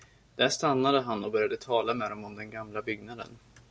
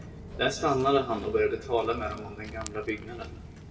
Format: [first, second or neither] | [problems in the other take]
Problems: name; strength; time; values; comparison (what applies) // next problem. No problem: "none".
first | background sound (Walk, footsteps); 13 dB below the speech // room echo; dies away in 1.4 s